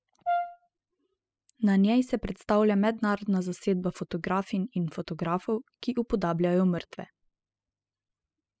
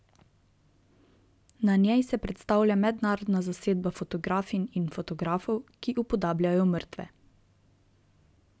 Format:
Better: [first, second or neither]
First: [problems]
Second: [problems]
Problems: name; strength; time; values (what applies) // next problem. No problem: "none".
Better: second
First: noise reduction (classical method spectral subtraction)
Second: none